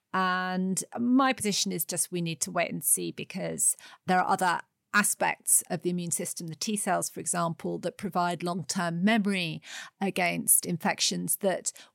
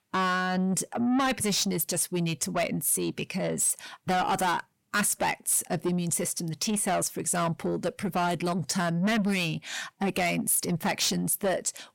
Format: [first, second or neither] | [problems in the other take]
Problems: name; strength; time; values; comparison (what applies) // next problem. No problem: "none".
first | distortion; heavy; 8 dB below the speech